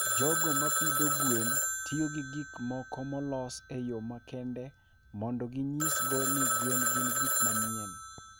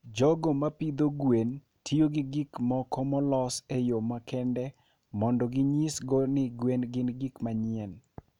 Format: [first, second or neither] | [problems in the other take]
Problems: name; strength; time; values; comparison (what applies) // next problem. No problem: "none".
second | background sound (Telephone); 3 dB above the speech